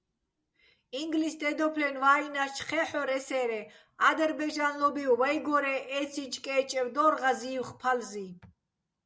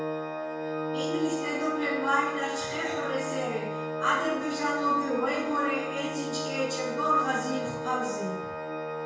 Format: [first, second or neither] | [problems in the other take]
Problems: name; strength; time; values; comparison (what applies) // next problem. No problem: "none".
first | background sound (Organ); 3 dB below the speech // room echo; dies away in 0.6 s